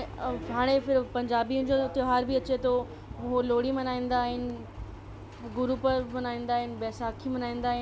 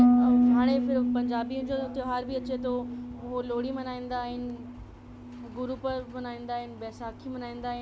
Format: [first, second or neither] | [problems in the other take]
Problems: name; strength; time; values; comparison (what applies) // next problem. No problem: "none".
first | background sound (Harp); 5 dB above the speech